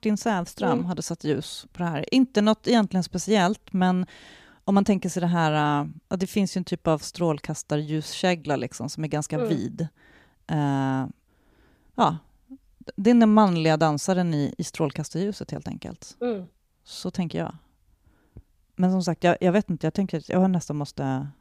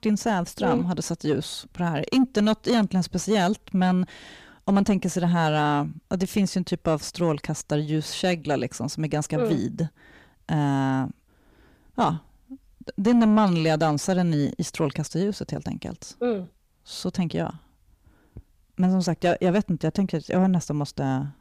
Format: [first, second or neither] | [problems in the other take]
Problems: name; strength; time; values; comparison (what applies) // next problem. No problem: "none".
first | distortion; slight; 10 dB below the speech